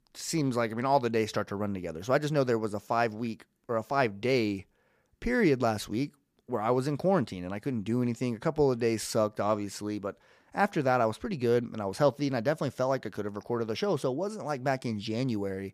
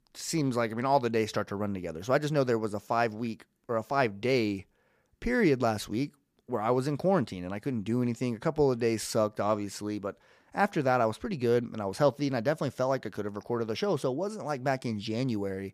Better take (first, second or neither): neither